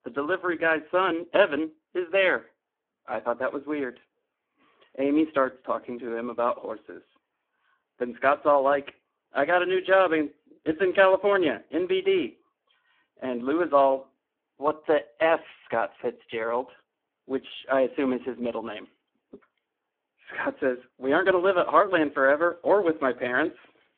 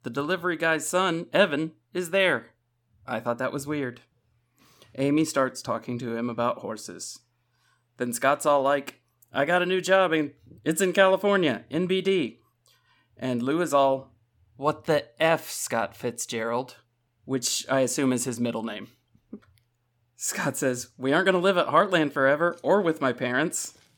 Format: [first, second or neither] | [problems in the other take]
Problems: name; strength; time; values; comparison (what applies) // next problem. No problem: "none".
second | phone-call audio; poor line